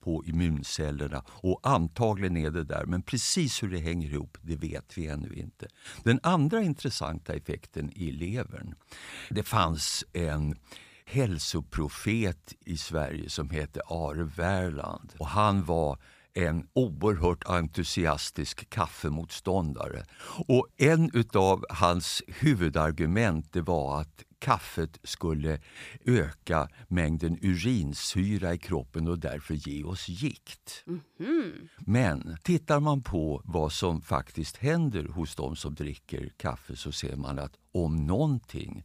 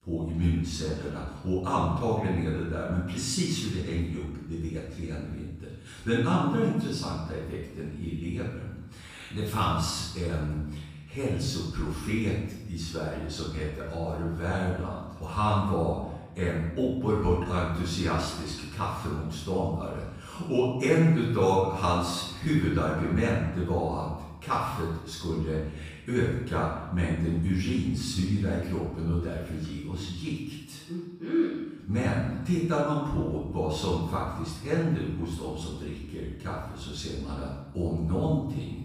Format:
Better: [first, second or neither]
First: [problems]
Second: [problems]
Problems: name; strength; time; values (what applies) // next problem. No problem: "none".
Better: first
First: none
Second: off-mic speech; far // room echo; strong; dies away in 0.9 s